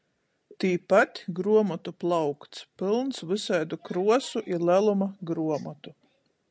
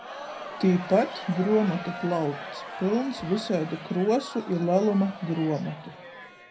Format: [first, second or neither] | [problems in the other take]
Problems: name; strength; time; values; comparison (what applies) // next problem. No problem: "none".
first | background sound (Crowd); 12 dB below the speech // room echo; dies away in 0.4 s